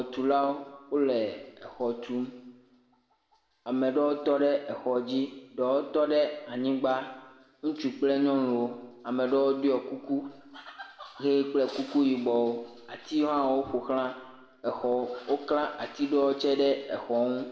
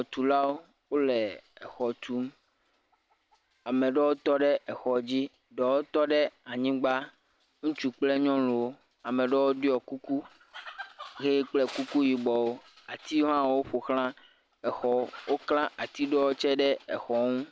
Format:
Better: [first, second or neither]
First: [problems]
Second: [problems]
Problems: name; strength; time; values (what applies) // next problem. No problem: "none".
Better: second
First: room echo; dies away in 1 s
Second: none